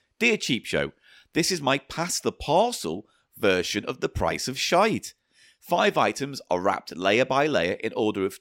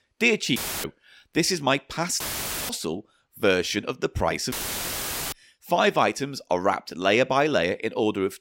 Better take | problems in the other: first | audio cutting out; filled with static; at 0.5 s, at 2 s and at 4.5 s for 1 s

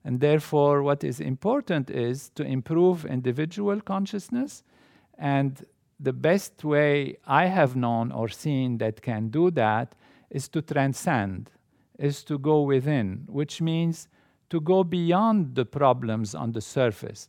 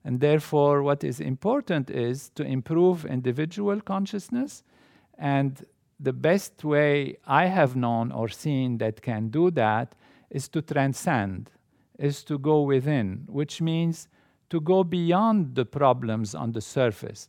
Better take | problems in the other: neither | none

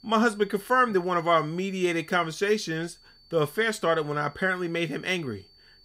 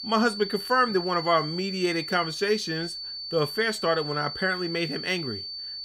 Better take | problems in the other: first | high-pitched whine; loud; throughout; 4.5 kHz, 7 dB below the speech; faint in the first

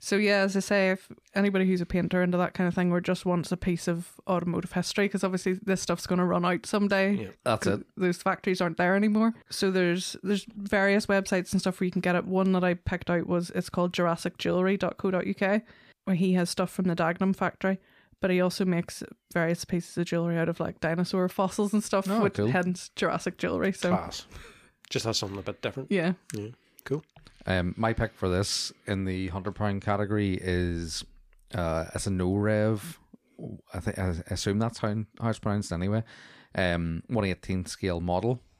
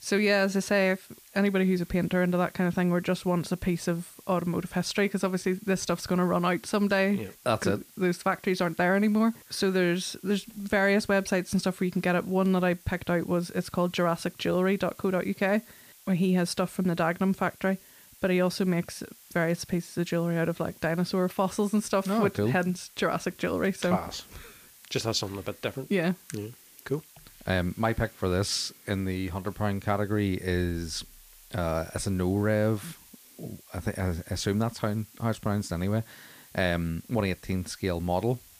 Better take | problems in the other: first | hiss; faint; throughout; 25 dB below the speech

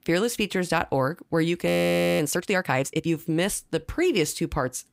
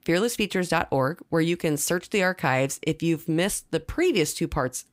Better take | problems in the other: second | audio freezing; at 1.5 s for 0.5 s

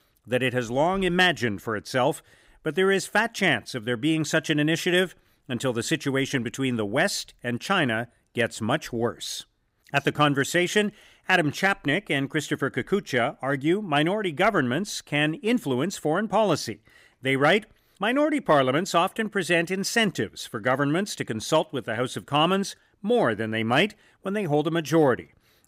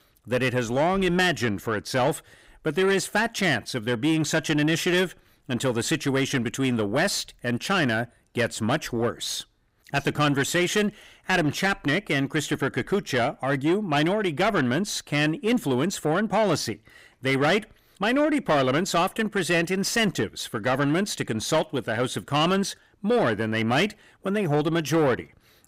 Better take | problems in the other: first | distortion; slight; 10 dB below the speech

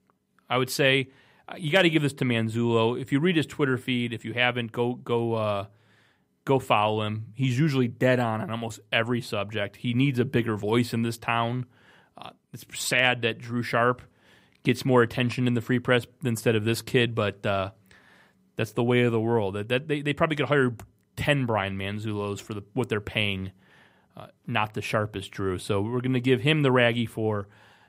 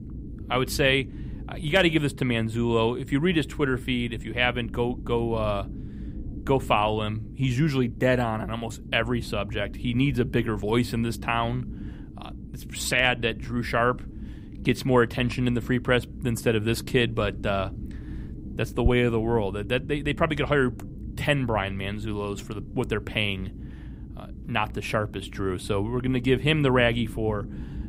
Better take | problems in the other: first | low rumble; faint; throughout; 20 dB below the speech

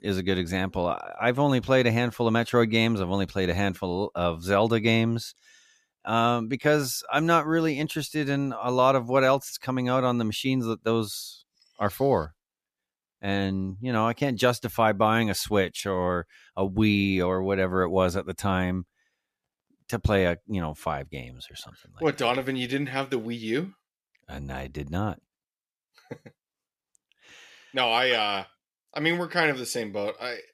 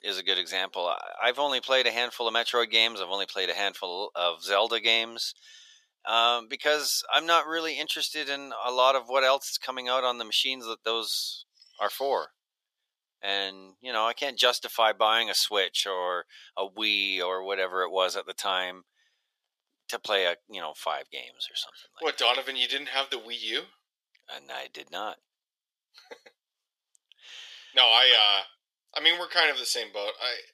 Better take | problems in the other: first | thin; very; fading below 550 Hz

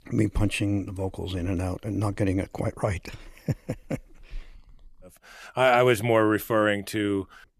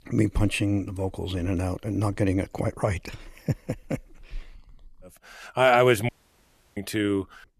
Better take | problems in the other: first | audio cutting out; at 6 s for 0.5 s

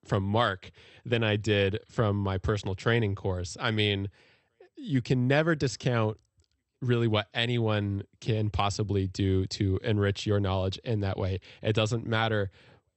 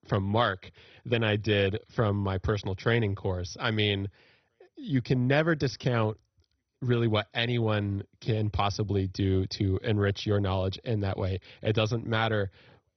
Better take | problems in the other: first | garbled, watery; badly; nothing above 6 kHz; slightly in the first

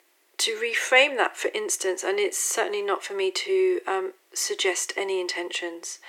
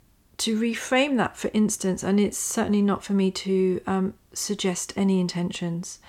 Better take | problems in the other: second | thin; very; fading below 350 Hz

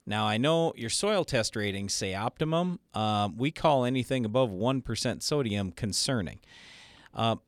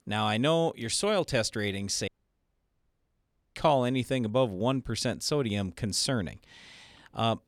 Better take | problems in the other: first | audio cutting out; at 2 s for 1.5 s

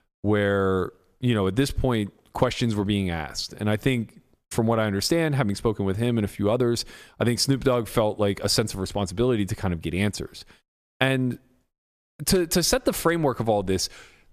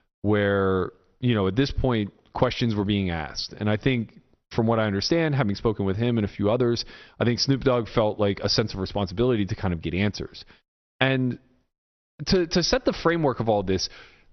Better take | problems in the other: first | garbled, watery; slightly; nothing above 6 kHz

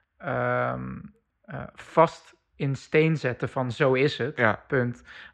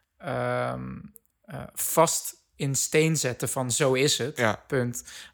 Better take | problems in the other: second | muffled; very; fading above 3 kHz

